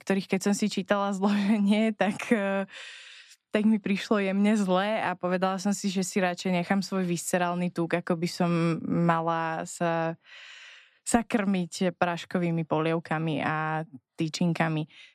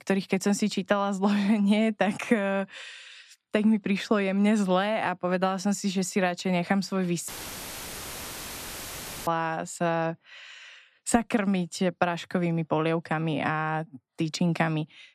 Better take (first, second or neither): first